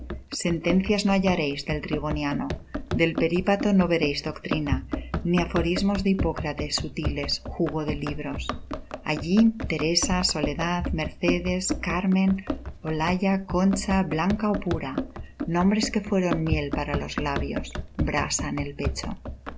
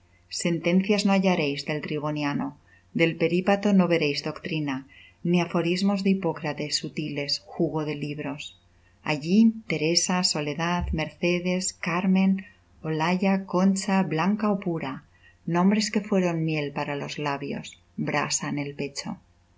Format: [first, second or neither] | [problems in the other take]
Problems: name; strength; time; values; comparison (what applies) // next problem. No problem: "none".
second | background sound (Run); 6 dB below the speech